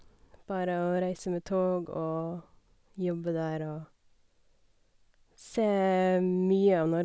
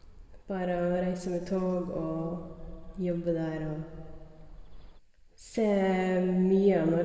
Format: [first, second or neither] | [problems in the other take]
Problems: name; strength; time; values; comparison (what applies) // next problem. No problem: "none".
first | background sound (Bird); 18 dB below the speech // room echo; dies away in 1.7 s